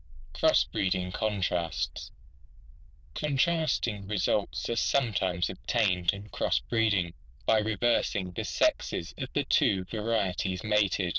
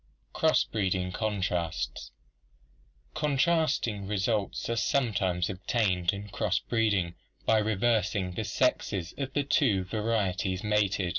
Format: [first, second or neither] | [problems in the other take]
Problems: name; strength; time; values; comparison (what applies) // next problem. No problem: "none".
second | noise reduction (neural diffusion model UNIVERSE++)